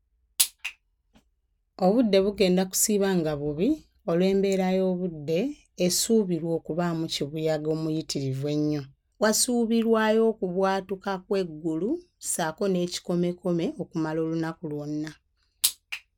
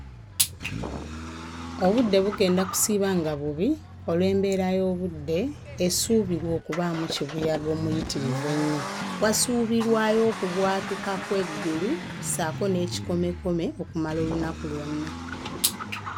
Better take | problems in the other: first | background sound (Accelerating, revving, vroom); 9 dB below the speech

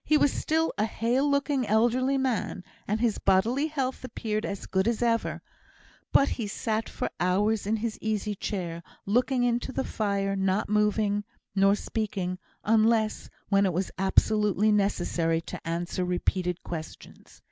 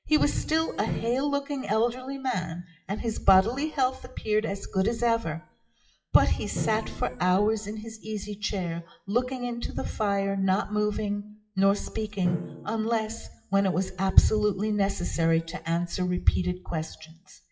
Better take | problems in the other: first | noise reduction (classical method WPE with log-MMSE)

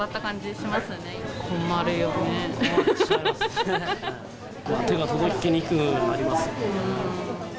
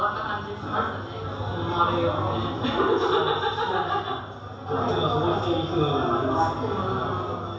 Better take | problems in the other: first | room echo; dies away in 0.7 s

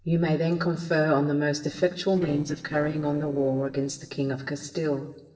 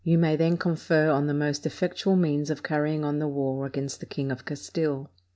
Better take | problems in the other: second | noise reduction (neural separator model SepFormer DNS4)

